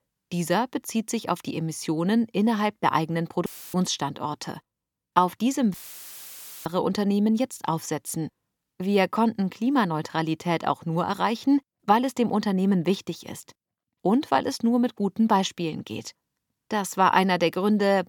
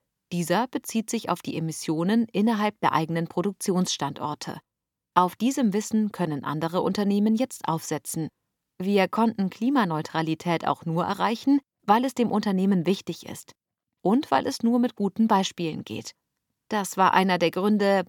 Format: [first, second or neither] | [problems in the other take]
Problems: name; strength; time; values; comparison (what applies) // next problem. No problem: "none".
second | audio cutting out; filled with static; at 3.5 s and at 5.5 s for 1 s